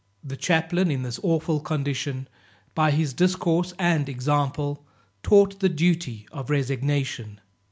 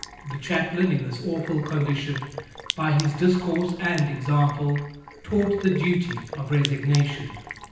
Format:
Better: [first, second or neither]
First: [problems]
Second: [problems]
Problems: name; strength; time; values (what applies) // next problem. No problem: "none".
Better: first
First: none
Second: background sound (Sink (filling or washing)); 14 dB below the speech // room echo; dies away in 0.9 s